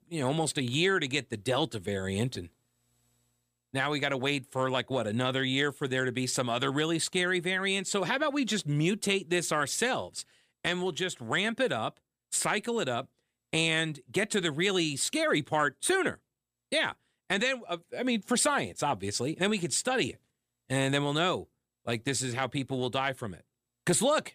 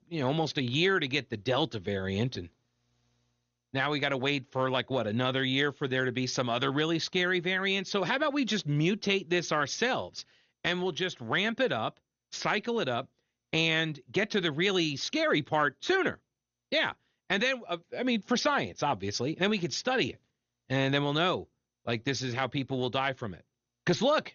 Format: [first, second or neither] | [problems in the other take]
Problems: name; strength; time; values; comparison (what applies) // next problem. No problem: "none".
first | garbled, watery; slightly; nothing above 6.5 kHz